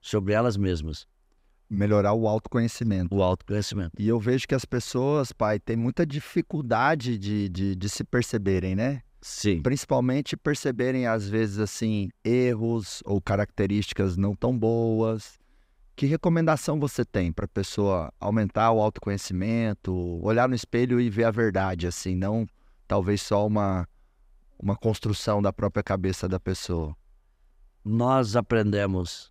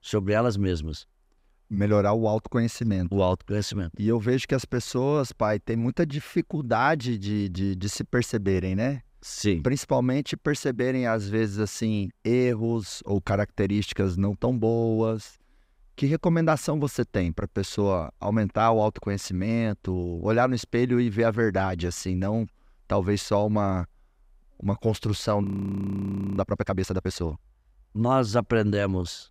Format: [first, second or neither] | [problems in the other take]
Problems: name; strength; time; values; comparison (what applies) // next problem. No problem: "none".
first | audio freezing; at 25 s for 1 s